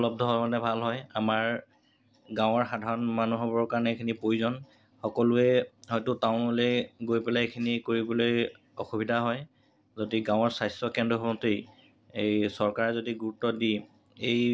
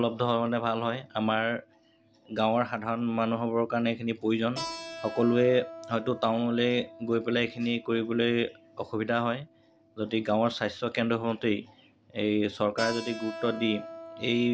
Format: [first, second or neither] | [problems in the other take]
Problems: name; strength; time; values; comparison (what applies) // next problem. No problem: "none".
first | background sound (Keyboard (musical)); 16 dB below the speech